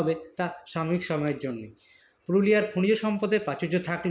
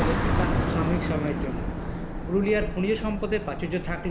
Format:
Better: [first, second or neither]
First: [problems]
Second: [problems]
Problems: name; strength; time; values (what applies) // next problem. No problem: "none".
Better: first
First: none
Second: background sound (Car passing by); 1 dB above the speech